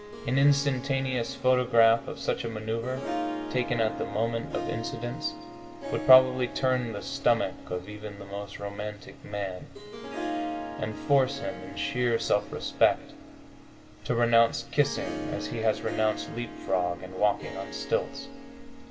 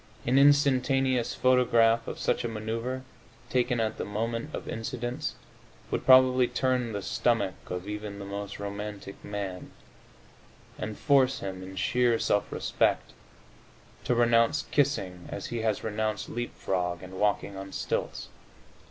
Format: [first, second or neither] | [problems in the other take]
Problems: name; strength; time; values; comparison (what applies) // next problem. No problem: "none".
second | background sound (Harp); 10 dB below the speech // room echo; dies away in 1.1 s